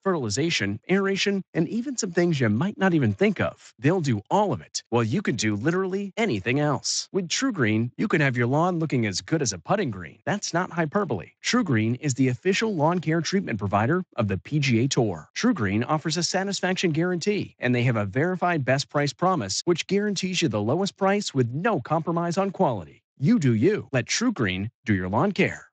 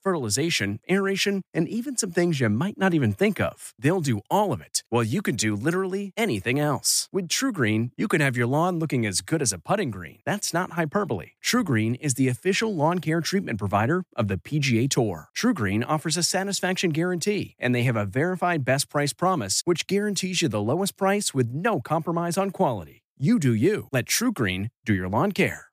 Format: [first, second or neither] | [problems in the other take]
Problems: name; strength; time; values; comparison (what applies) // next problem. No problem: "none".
second | garbled, watery; slightly; nothing above 7.5 kHz